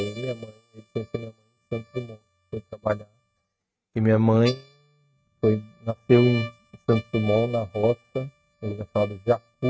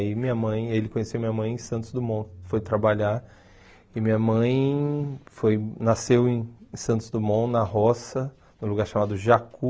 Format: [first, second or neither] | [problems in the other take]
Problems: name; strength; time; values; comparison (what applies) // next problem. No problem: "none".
second | noise reduction (neural mask model RNNoise)